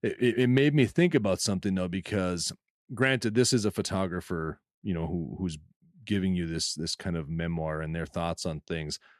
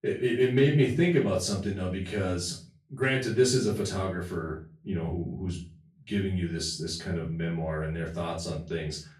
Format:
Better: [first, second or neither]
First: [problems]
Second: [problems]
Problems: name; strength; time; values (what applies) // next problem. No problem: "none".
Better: first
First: none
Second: off-mic speech; far // room echo; slight; dies away in 0.3 s